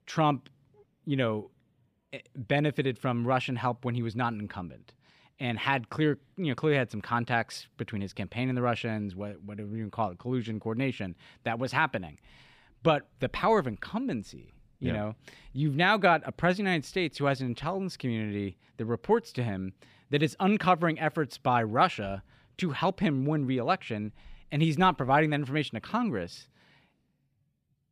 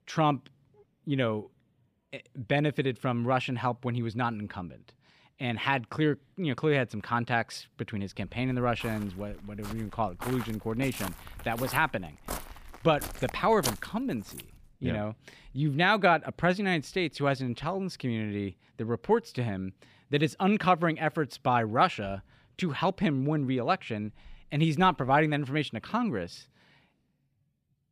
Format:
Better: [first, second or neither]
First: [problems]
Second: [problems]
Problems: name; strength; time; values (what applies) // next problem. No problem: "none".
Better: first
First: none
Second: footsteps; noticeable; from 8.5 to 14 s; peak 4 dB below the speech